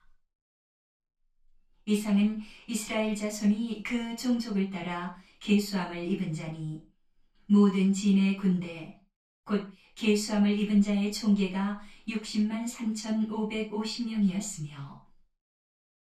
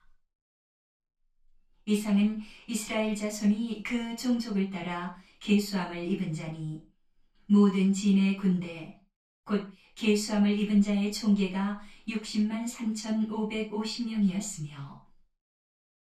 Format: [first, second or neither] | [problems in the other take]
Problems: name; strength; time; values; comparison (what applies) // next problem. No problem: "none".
neither | room echo; noticeable; dies away in 0.3 s; the same in both // off-mic speech; far; the same in both